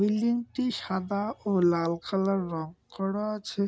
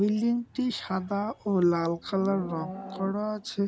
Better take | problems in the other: first | background sound (Livestock, farm animals, working animals); 16 dB below the speech

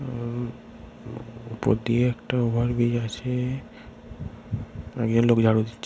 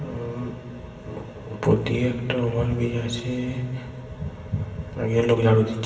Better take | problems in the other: first | room echo; dies away in 2.3 s

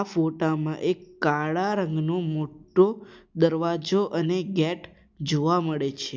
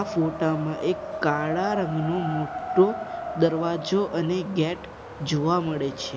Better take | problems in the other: first | background sound (Wind); 8 dB below the speech

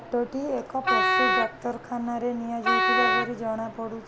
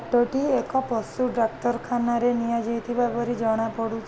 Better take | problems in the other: second | background sound (Wind instrument, woodwind instrument); 5 dB above the speech

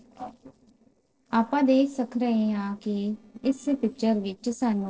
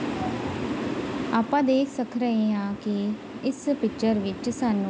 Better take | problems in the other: second | noise reduction (neural separator model SepFormer DNS4)

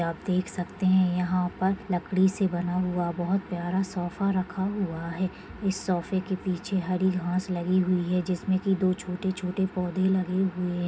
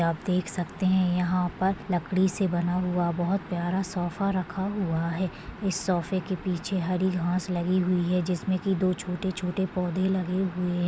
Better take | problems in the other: second | room echo; dies away in 0.3 s

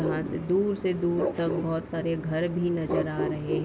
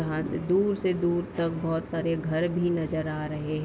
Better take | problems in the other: second | background sound (Bark); 6 dB below the speech

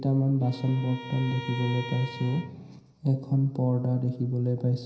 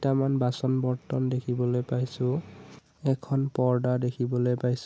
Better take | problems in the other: second | background sound (Bowed string instrument); 14 dB below the speech // room echo; dies away in 0.9 s

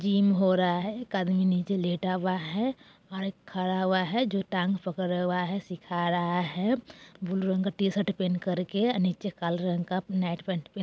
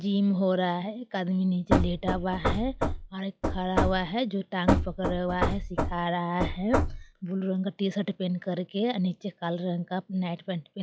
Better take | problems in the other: first | noise reduction (classical method log-MMSE)

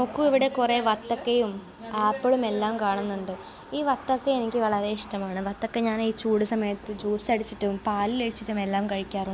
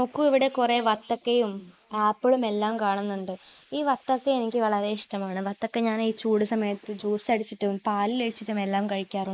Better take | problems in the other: first | noise reduction (neural mask model Resemble Enhance denoiser)

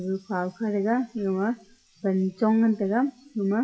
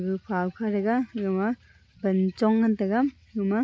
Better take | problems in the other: second | noise reduction (classical method WPE with log-MMSE)

